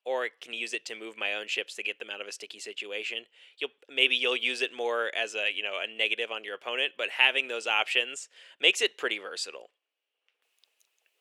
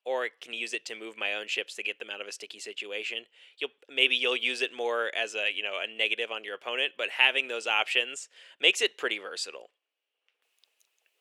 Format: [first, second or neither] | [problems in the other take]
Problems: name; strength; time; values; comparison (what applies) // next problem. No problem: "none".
neither | thin; very; fading below 450 Hz; the same in both